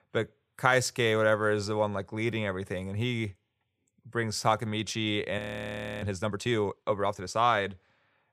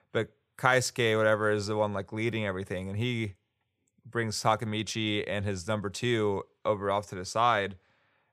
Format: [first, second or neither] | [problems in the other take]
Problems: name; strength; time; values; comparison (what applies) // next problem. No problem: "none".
second | audio freezing; at 5.5 s for 0.5 s